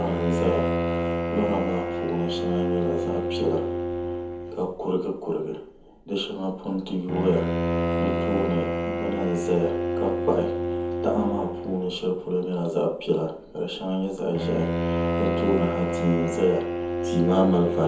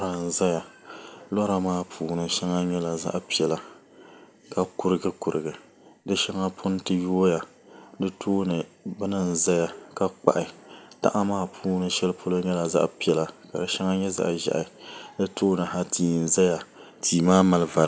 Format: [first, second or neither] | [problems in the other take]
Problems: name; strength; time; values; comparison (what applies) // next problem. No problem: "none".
second | background sound (Bowed string instrument); 1 dB below the speech // room echo; dies away in 0.7 s